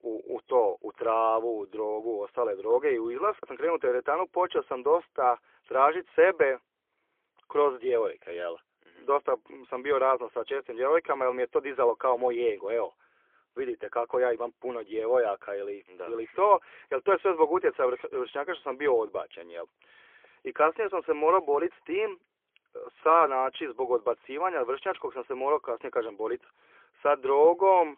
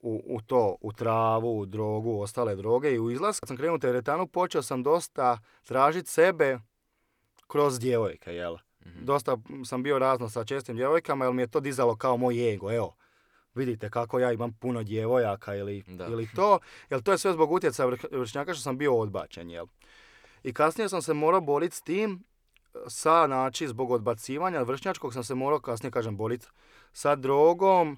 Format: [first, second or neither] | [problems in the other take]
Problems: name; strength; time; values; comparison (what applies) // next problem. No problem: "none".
second | phone-call audio; poor line; nothing above 3.5 kHz